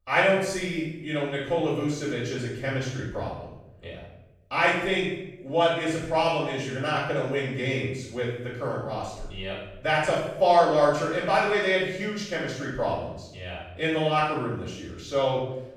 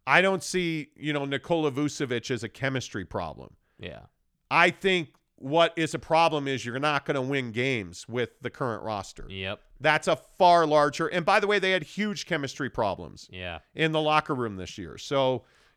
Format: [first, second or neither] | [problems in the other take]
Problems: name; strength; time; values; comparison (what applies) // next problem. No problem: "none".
second | off-mic speech; far // room echo; noticeable; dies away in 0.8 s